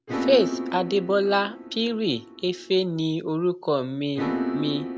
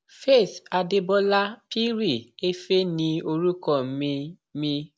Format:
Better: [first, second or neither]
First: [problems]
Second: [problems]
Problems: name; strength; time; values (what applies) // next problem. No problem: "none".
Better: second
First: background sound (Piano); 7 dB below the speech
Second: none